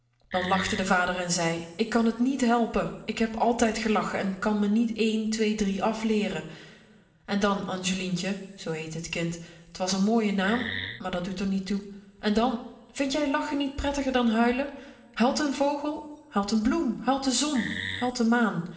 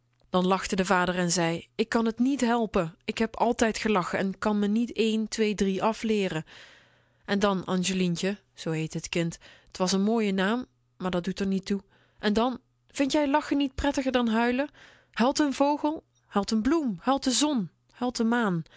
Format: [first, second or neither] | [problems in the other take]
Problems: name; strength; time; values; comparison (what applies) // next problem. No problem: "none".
second | background sound (Wood); 7 dB below the speech // room echo; dies away in 2 s